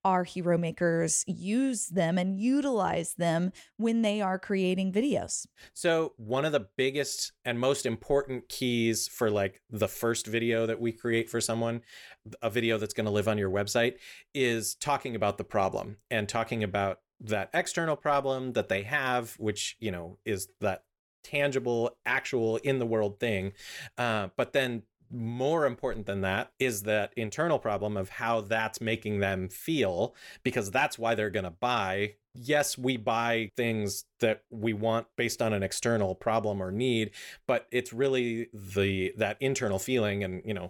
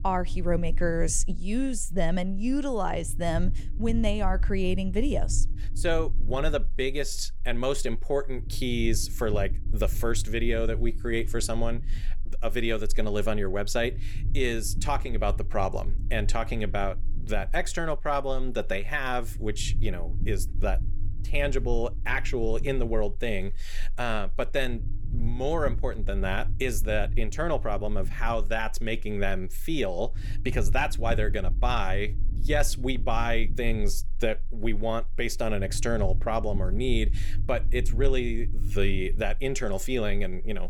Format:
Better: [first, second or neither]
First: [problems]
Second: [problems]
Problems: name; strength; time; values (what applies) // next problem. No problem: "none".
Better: first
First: none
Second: low rumble; faint; throughout; 20 dB below the speech